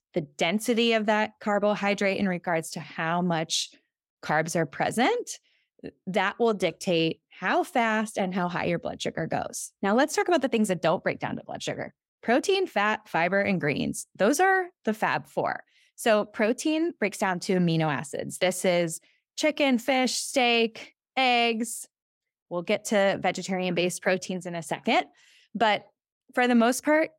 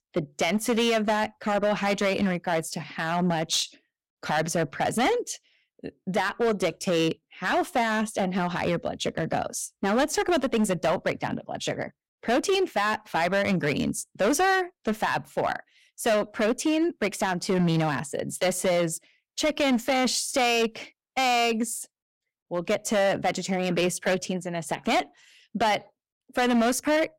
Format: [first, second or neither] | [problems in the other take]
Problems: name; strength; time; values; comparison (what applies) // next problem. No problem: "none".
first | distortion; slight; 9% of the sound clipped